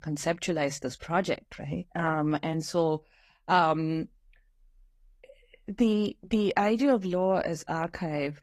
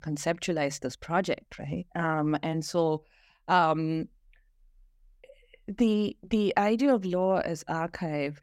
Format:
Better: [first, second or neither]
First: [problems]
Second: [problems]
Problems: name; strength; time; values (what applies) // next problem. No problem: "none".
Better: second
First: garbled, watery; slightly; nothing above 13.5 kHz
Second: none